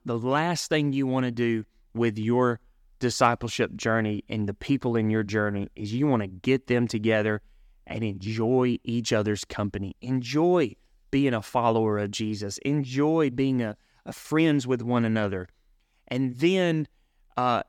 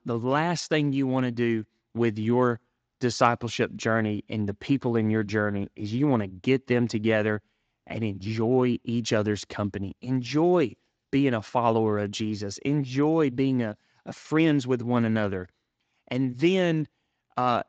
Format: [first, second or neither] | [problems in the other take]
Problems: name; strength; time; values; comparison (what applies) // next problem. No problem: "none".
first | garbled, watery; slightly; nothing above 7.5 kHz